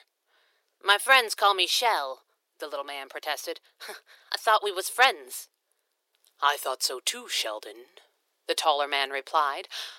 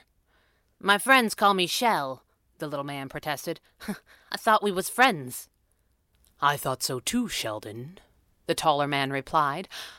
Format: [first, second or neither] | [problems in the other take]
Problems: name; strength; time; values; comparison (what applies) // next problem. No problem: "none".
second | thin; very; fading below 400 Hz